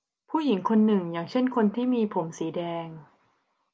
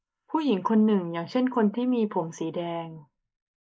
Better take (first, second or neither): first